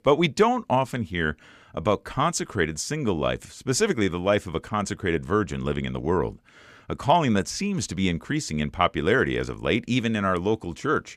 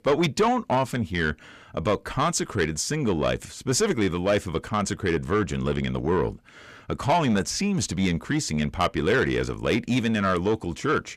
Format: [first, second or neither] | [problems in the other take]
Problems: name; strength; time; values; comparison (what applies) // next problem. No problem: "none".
first | distortion; slight; 10 dB below the speech